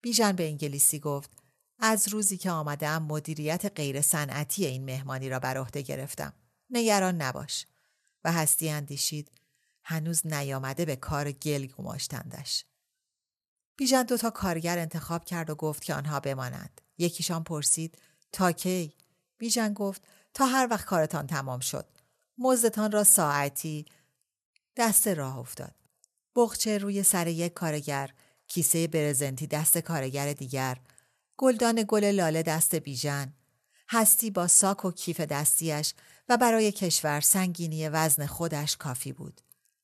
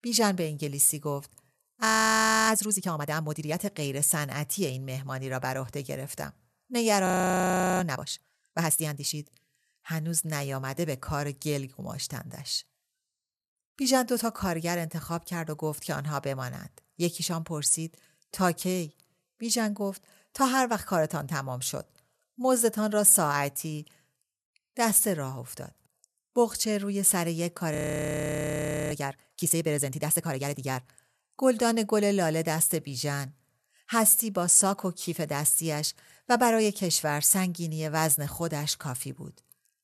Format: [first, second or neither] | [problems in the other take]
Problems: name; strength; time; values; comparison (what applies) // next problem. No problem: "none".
first | audio freezing; at 2 s for 0.5 s, at 7 s for 0.5 s and at 28 s for 1 s